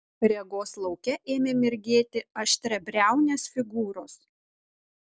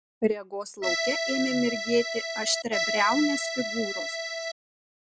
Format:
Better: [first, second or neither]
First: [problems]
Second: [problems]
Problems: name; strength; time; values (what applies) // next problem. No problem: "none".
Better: first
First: none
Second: background sound (Accordion); 1 dB below the speech